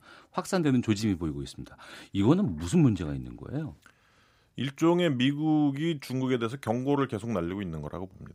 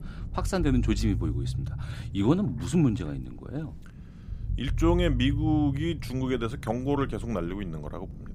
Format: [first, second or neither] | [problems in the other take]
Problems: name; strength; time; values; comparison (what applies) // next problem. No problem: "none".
first | low rumble; noticeable; throughout; 15 dB below the speech